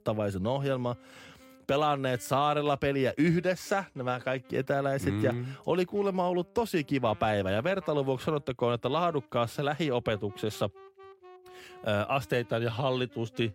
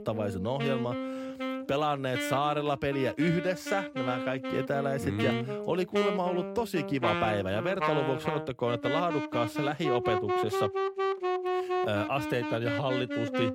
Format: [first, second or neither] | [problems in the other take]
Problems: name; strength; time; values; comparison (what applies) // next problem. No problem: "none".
first | background music; loud; throughout; 2 dB below the speech; faint in the first